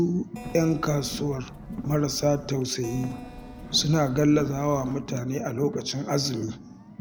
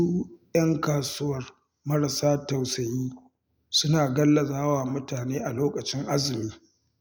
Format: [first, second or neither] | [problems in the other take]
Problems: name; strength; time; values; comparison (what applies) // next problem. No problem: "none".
second | background sound (Keyboard (musical) + Car); 12 dB below the speech